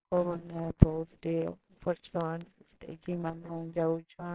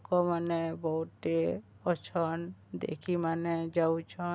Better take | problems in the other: second | noise reduction (neural separator model SepFormer WHAMR!)

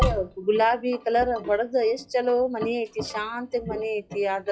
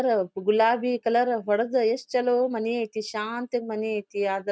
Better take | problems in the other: second | noise reduction (classical method log-MMSE)

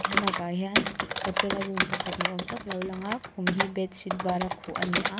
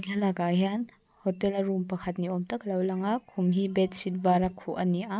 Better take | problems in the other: second | background sound (Computer keyboard); 2 dB above the speech

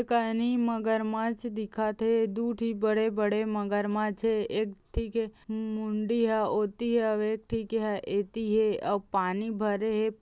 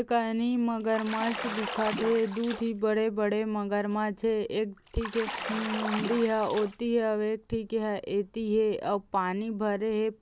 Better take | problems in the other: first | background sound (Bathtub (filling or washing) / Splash, splatter); 8 dB below the speech

